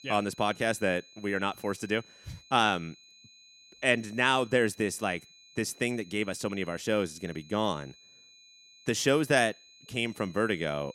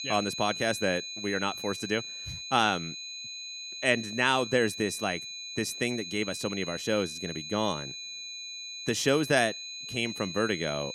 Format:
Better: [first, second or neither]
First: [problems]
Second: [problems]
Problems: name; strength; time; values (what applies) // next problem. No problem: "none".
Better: first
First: high-pitched whine; faint; throughout; 4 kHz, 25 dB below the speech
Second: high-pitched whine; loud; throughout; 4 kHz, 7 dB below the speech